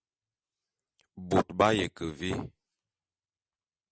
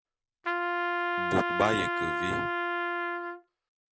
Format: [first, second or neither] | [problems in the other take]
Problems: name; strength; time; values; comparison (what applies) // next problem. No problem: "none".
first | background sound (Trumpet); 4 dB above the speech